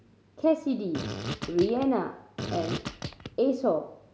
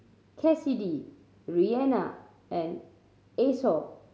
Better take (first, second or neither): second